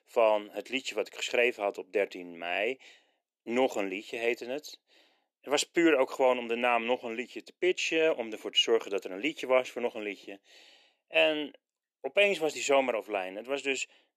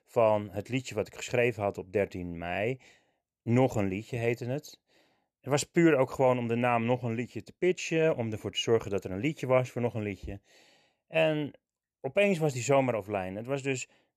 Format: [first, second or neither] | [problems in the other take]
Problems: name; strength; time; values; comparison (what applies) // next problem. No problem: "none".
second | thin; somewhat; fading below 300 Hz